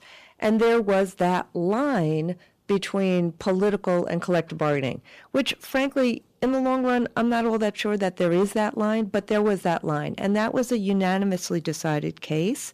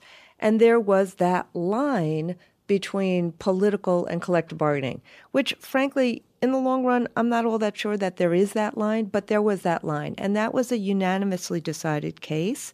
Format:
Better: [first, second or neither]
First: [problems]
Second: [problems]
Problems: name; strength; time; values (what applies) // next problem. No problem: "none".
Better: second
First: distortion; slight; 9% of the sound clipped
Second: none